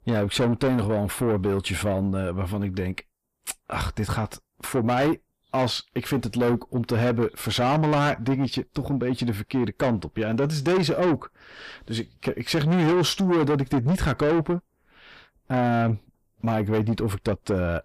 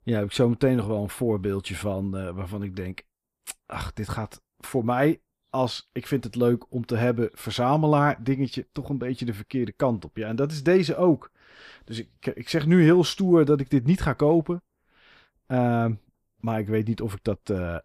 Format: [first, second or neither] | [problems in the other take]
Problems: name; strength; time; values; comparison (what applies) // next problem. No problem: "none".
second | distortion; heavy; 6 dB below the speech